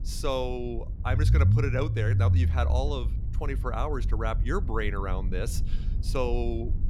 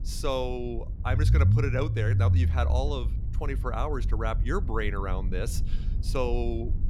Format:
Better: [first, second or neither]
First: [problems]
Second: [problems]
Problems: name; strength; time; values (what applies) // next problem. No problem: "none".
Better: neither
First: low rumble; noticeable; throughout; 10 dB below the speech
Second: low rumble; noticeable; throughout; 10 dB below the speech